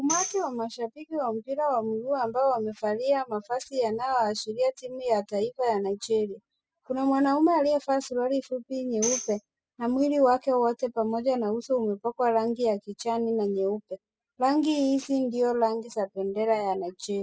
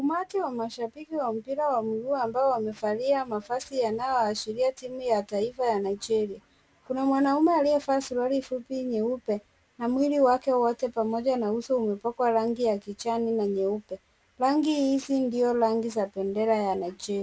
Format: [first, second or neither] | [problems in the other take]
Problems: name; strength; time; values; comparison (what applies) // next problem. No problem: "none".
second | noise reduction (classical method spectral subtraction)